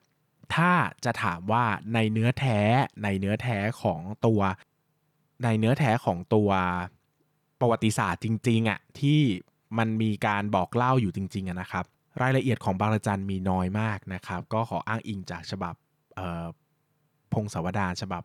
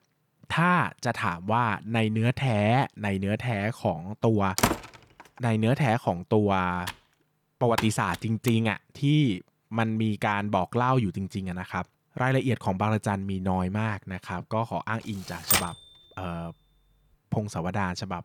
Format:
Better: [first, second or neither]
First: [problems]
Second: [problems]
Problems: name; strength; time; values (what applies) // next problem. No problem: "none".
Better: first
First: none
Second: door banging; loud; at 4.5 s; peak 1 dB above the speech // keyboard typing; noticeable; from 7 to 8.5 s; peak 6 dB below the speech // keyboard typing; loud; at 16 s; peak 4 dB above the speech